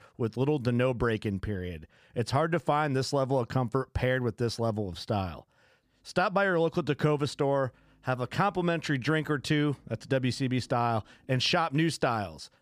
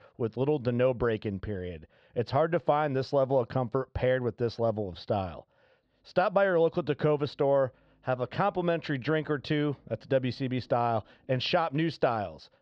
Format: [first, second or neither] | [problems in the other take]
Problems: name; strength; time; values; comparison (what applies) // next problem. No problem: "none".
first | muffled; slightly; fading above 4 kHz